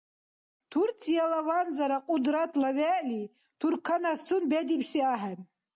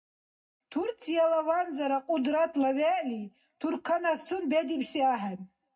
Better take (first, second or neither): first